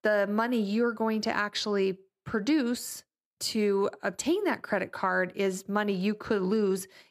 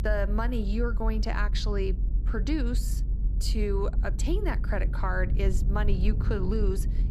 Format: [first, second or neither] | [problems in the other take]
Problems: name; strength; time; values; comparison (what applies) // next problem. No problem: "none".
first | low rumble; noticeable; throughout; 15 dB below the speech